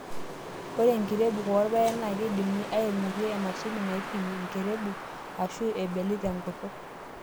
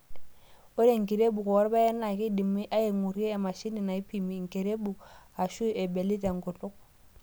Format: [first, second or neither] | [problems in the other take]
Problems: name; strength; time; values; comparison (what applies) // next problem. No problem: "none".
second | background sound (Wind); 9 dB below the speech